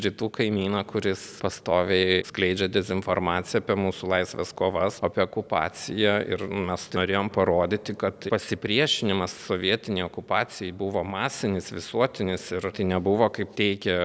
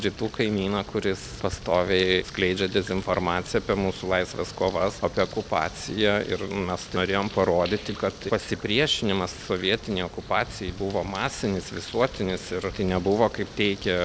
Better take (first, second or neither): first